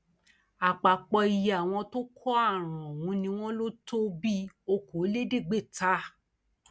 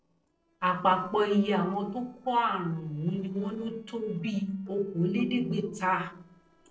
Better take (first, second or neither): first